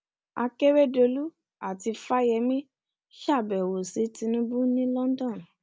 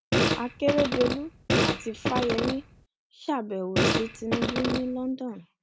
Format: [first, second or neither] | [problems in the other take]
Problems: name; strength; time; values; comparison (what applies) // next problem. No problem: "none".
first | background sound (Fart); 3 dB above the speech